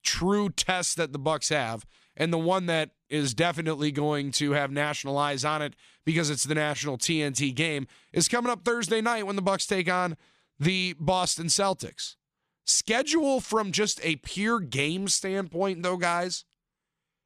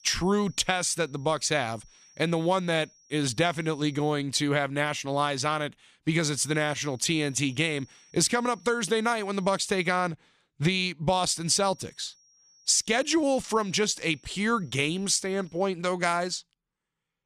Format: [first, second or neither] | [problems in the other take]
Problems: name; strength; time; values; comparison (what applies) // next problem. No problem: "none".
first | high-pitched whine; faint; until 4 s, from 6.5 to 10 s and from 11 to 16 s; 5.5 kHz, 30 dB below the speech